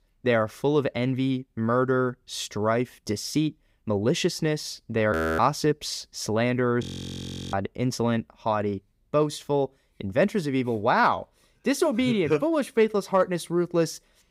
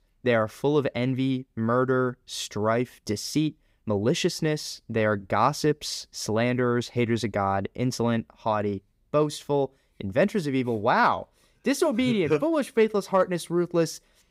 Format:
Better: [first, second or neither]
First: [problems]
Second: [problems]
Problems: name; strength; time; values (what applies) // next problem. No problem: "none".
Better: second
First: audio freezing; at 5 s and at 7 s for 0.5 s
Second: none